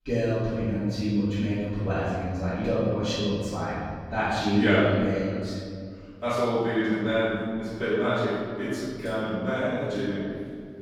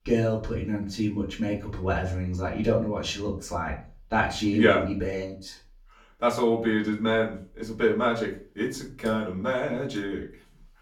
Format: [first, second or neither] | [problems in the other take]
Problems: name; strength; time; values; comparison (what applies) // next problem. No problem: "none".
second | room echo; strong; dies away in 2.2 s; slight in the second // off-mic speech; far; far in the second